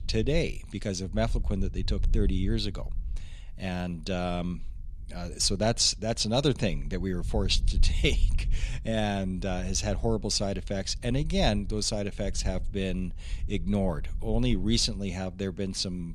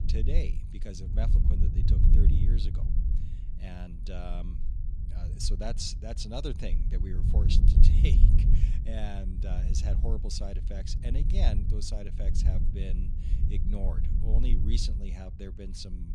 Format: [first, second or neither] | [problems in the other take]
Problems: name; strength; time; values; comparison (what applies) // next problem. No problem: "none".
first | low rumble; loud; throughout; 4 dB below the speech; faint in the first